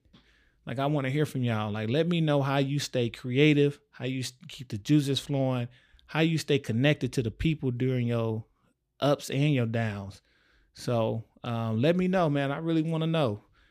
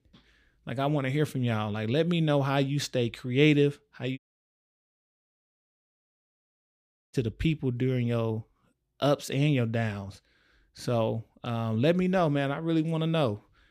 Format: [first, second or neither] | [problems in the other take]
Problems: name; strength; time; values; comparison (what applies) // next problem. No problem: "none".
first | audio cutting out; at 4 s for 3 s